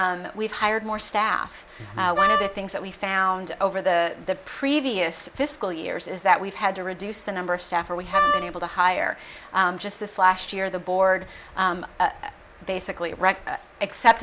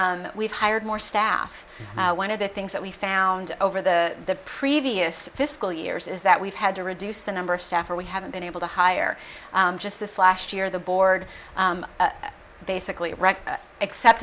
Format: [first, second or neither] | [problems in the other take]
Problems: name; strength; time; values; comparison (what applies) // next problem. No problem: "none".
second | background sound (Wind instrument, woodwind instrument); 2 dB above the speech